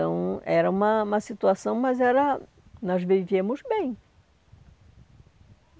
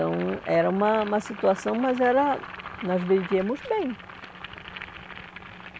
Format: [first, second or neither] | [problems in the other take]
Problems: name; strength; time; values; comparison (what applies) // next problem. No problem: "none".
first | background sound (Boiling); 14 dB below the speech